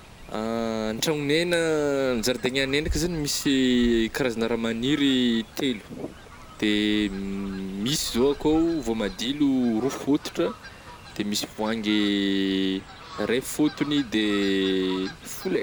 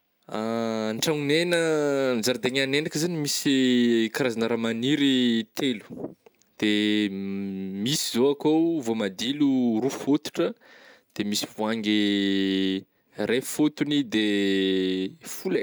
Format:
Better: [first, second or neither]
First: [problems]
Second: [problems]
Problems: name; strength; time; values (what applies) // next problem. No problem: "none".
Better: second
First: background sound (Fowl); 16 dB below the speech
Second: none